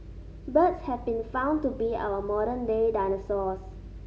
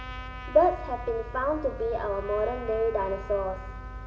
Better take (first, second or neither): first